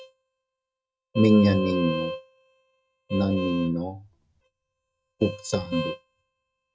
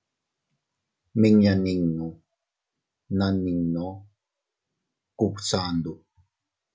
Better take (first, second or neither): second